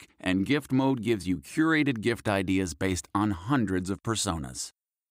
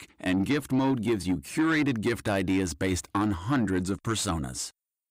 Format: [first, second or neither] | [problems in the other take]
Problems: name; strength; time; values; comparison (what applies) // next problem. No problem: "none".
first | distortion; slight; 10 dB below the speech